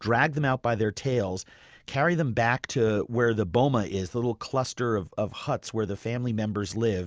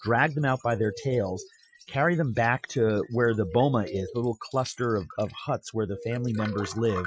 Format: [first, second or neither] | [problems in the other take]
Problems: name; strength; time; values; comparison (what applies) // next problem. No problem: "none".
first | noise reduction (classical method Wiener filter)